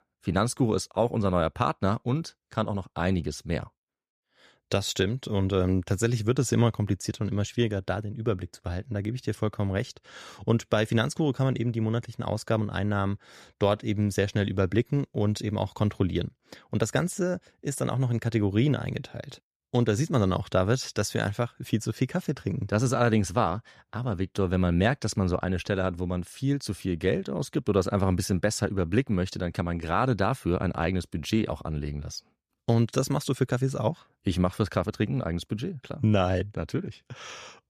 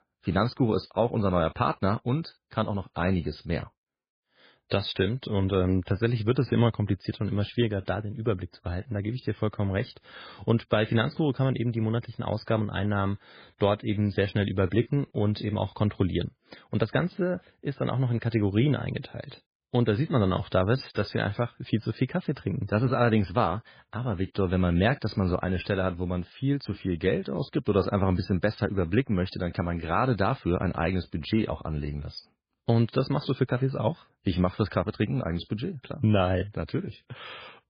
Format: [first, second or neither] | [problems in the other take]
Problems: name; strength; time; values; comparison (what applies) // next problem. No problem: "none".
first | garbled, watery; badly; nothing above 5 kHz